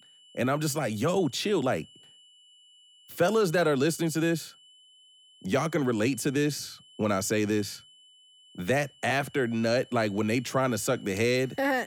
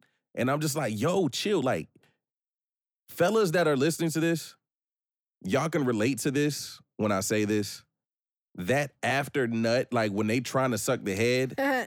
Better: second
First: high-pitched whine; faint; throughout; 3 kHz, 25 dB below the speech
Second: none

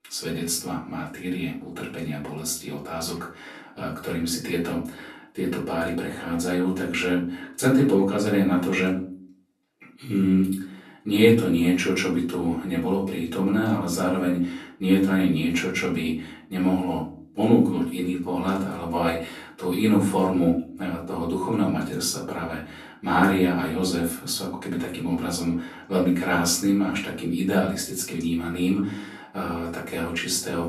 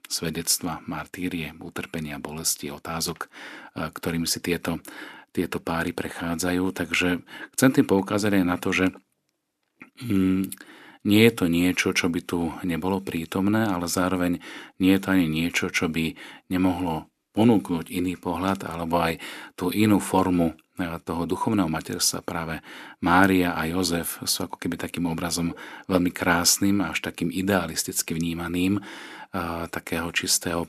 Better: second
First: off-mic speech; far // room echo; slight; dies away in 0.4 s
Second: none

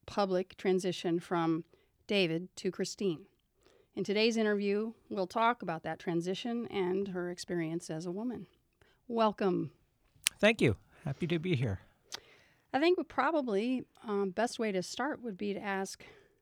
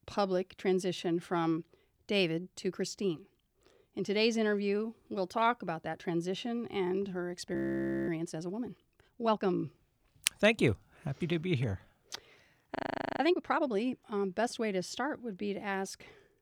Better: first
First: none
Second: audio freezing; at 7.5 s for 0.5 s and at 13 s

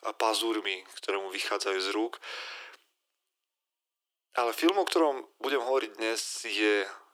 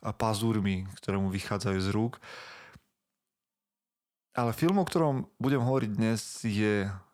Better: second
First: thin; very; fading below 300 Hz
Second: none

